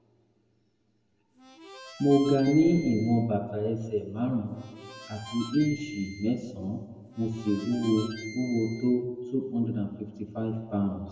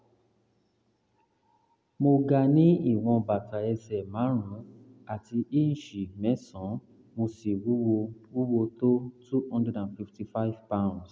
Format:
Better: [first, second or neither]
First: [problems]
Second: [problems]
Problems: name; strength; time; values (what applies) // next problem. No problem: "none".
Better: second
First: background sound (Harmonica); 17 dB below the speech // room echo; dies away in 1.2 s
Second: none